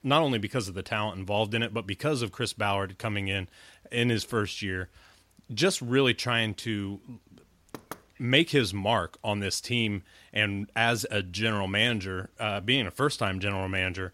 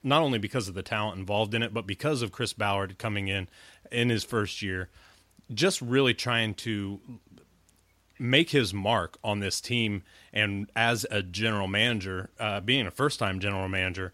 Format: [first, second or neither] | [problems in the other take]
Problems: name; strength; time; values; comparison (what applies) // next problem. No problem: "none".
second | door banging; faint; at 7.5 s; peak 15 dB below the speech